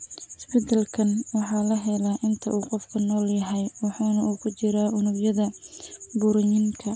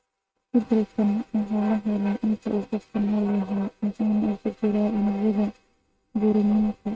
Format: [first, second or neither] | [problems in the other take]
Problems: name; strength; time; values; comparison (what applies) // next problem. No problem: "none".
first | noise reduction (neural mask model RNNoise)